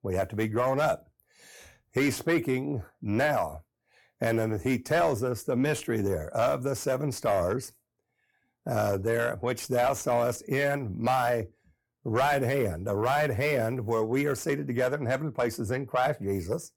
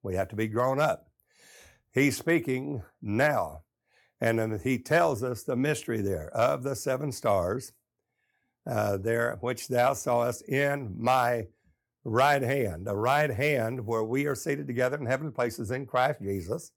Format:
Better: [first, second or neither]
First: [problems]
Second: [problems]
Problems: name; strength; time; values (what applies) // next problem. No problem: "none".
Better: second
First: distortion; slight; 10 dB below the speech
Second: none